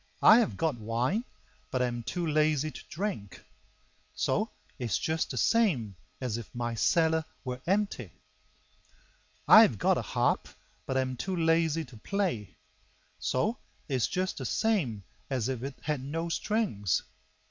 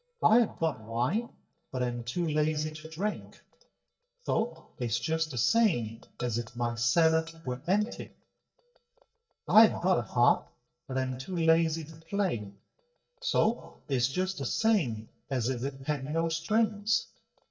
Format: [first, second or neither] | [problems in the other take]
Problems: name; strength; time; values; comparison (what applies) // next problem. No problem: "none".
first | noise reduction (neural mask model DeepFilterNet 3)